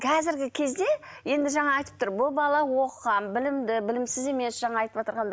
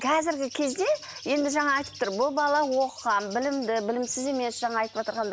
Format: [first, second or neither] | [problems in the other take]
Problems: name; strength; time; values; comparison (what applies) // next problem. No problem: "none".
first | background sound (Bird); 18 dB below the speech